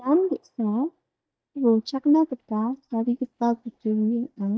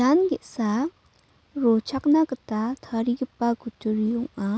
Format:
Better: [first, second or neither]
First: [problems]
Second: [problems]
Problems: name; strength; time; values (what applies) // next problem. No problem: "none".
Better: second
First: noise reduction (neural mask model DeepFilterNet 3)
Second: none